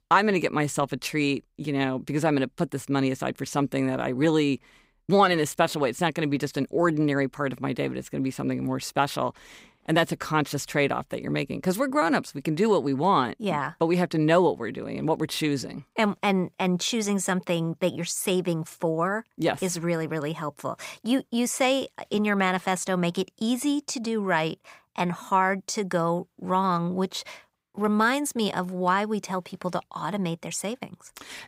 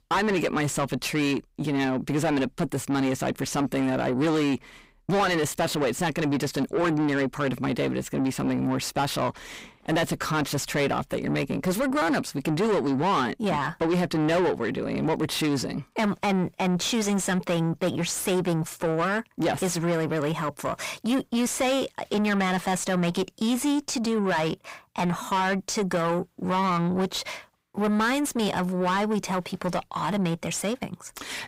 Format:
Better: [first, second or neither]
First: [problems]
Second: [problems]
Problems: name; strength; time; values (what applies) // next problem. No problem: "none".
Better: first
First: none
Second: distortion; heavy; 7 dB below the speech